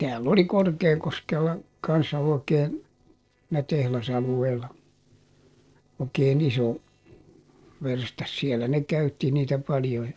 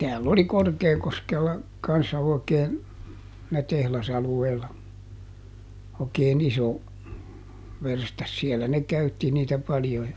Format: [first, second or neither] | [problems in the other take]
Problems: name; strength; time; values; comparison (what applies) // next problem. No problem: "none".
second | noise reduction (neural separator model SepFormer DNS4)